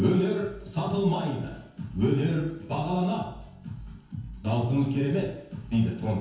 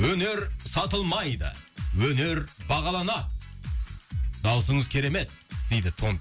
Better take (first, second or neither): second